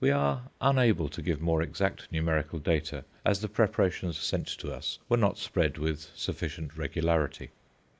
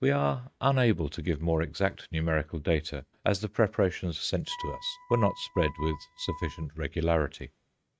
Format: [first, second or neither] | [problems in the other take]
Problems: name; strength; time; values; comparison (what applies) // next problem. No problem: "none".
first | noise reduction (neural mask model RNNoise)